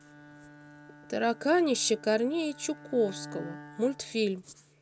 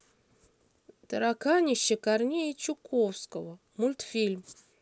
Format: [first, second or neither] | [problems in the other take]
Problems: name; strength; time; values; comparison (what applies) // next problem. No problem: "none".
second | background sound (Bowed string instrument); 18 dB below the speech